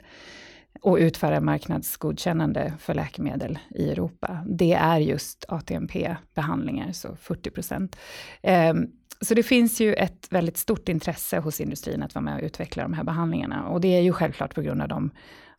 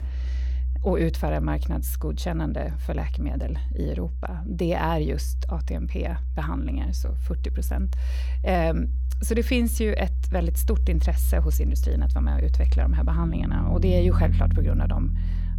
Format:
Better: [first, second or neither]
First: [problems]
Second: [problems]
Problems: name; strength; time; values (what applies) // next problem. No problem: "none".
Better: first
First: none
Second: background music; very loud; throughout; 4 dB above the speech